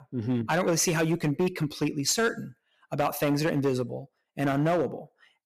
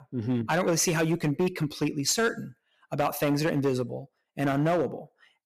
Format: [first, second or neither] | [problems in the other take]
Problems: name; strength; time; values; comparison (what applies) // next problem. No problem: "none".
neither | distortion; slight; 7% of the sound clipped; the same in both